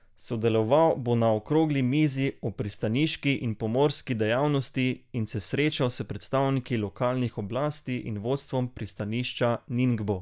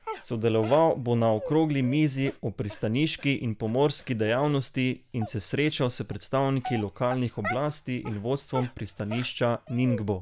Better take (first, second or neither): first